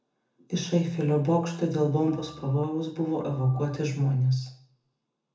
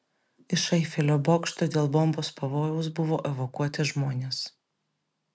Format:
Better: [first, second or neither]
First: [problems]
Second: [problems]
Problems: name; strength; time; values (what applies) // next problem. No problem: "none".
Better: second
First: background sound (Organ); 19 dB below the speech // room echo; dies away in 0.6 s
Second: none